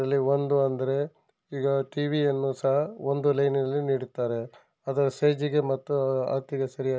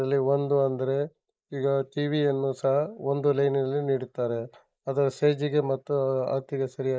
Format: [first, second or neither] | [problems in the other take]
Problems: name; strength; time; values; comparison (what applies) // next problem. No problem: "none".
first | noise reduction (neural mask model Resemble Enhance denoiser)